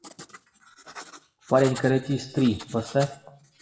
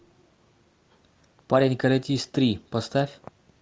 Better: second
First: noise reduction (classical method WPE with log-MMSE)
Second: none

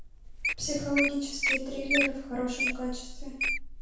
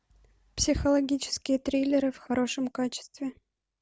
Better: second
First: background sound (Wild animals); 1 dB above the speech // room echo; dies away in 0.6 s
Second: none

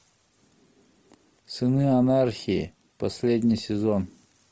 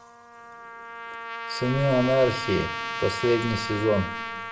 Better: first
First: none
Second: background sound (Trumpet); 7 dB below the speech // room echo; dies away in 0.5 s

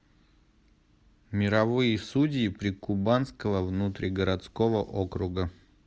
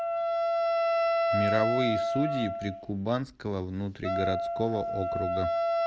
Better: first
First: none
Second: background sound (Wind instrument, woodwind instrument); 4 dB above the speech

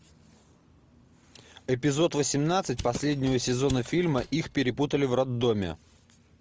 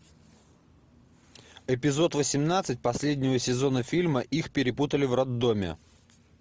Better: second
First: background sound (Mechanisms); 14 dB below the speech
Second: none

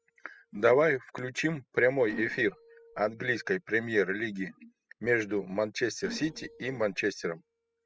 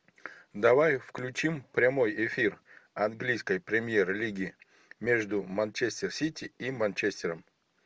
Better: second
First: noise reduction (classical method spectral subtraction)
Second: none

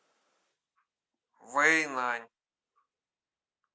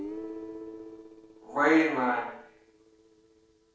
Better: first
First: none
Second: noise reduction (neural separator model SepFormer DNS4)

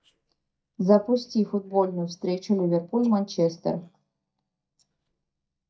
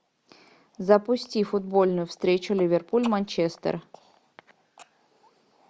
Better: second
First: noise reduction (neural mask model DeepFilterNet 3)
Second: none

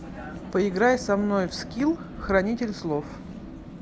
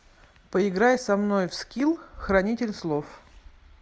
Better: second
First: background sound (Vehicle); 12 dB below the speech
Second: none

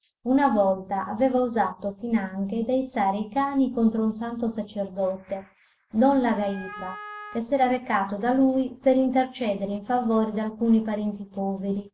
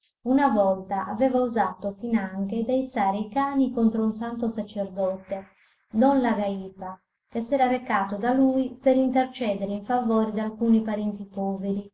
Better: second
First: background sound (Wind instrument, woodwind instrument); 16 dB below the speech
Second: none

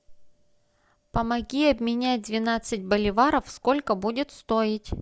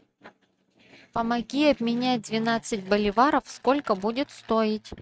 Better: first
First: none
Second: noise reduction (neural mask model RNNoise)

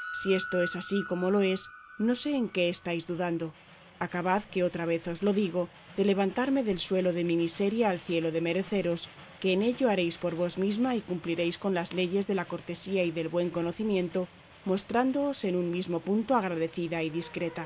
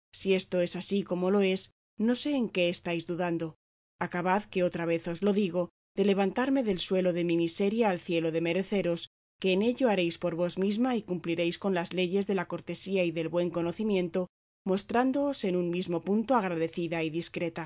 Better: second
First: background sound (Train); 18 dB below the speech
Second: none

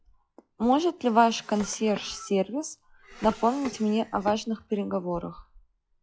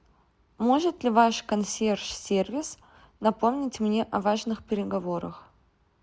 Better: second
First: noise reduction (classical method log-MMSE)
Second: none

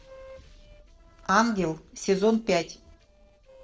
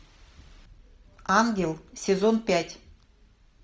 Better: second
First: noise reduction (neural separator model SepFormer DNS4)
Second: none

